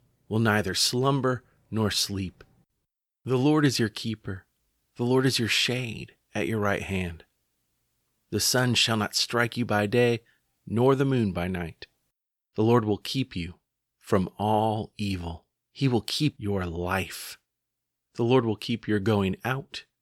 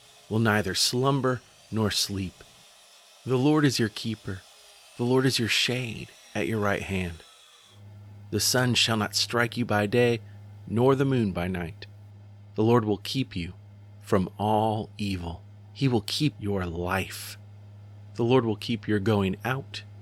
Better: first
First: none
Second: machinery noise; faint; throughout; 25 dB below the speech

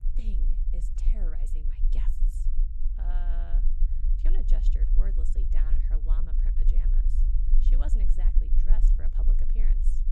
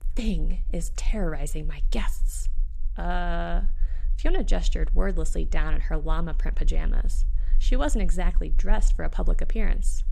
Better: second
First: low rumble; loud; throughout; 2 dB below the speech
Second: low rumble; faint; throughout; 25 dB below the speech

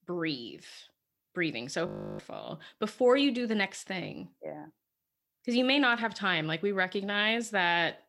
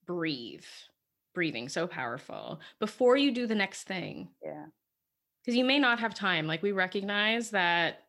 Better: second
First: audio freezing; at 2 s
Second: none

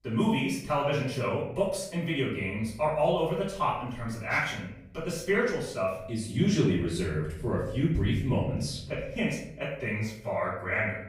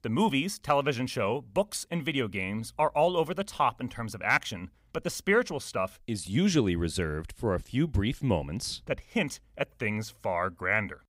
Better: second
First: room echo; noticeable; dies away in 0.7 s // off-mic speech; far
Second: none

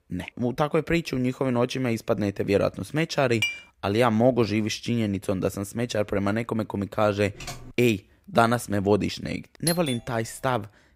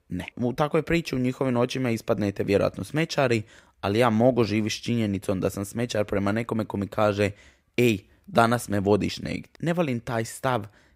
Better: second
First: clattering dishes; noticeable; at 3.5 s; peak 2 dB below the speech // keyboard typing; faint; at 7.5 s; peak 15 dB below the speech // doorbell; noticeable; at 9.5 s; peak 4 dB below the speech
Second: none

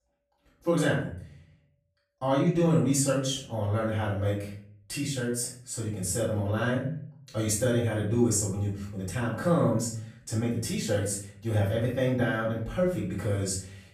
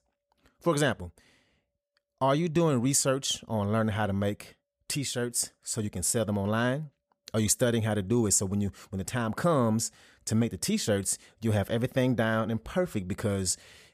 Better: second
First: off-mic speech; far // room echo; noticeable; dies away in 0.5 s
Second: none

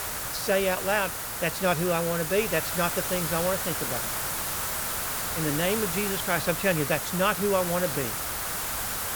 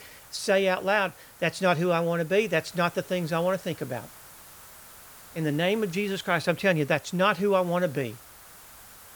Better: second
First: hiss; loud; throughout; 1 dB below the speech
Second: hiss; faint; throughout; 20 dB below the speech

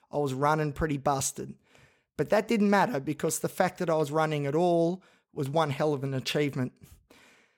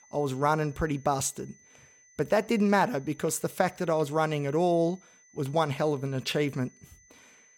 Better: first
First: none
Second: high-pitched whine; faint; throughout; 6 kHz, 30 dB below the speech

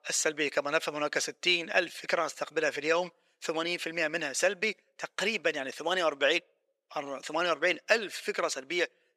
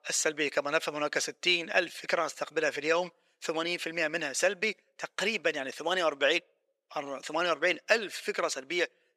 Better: neither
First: thin; very; fading below 500 Hz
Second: thin; very; fading below 500 Hz

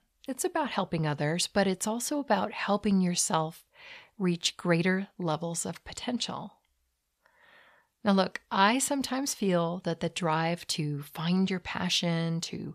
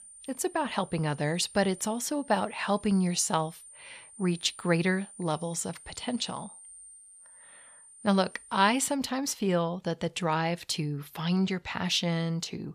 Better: first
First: none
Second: high-pitched whine; noticeable; until 9 s; 9 kHz, 20 dB below the speech

